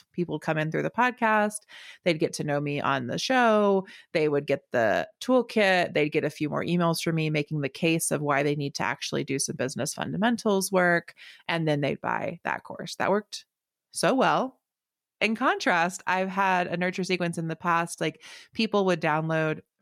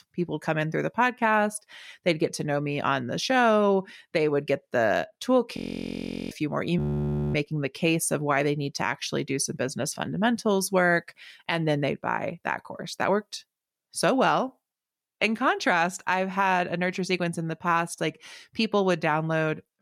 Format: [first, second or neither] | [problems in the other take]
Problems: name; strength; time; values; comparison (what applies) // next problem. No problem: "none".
first | audio freezing; at 5.5 s for 0.5 s and at 7 s for 0.5 s